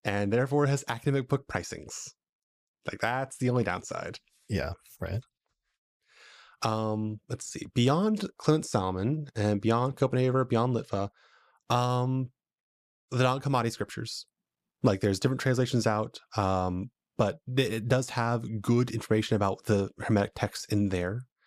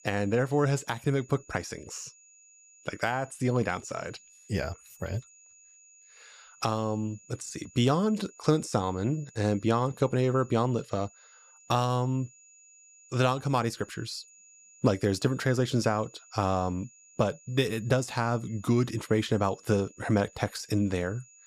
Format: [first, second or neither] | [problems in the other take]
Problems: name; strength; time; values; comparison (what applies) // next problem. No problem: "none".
first | high-pitched whine; faint; throughout; 7 kHz, 25 dB below the speech